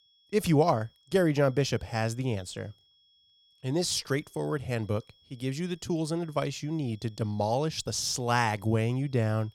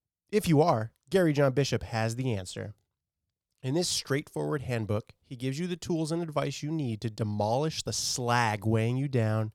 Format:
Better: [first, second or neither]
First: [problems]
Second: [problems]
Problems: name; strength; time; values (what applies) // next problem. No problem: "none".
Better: second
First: high-pitched whine; faint; throughout; 3.5 kHz, 30 dB below the speech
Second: none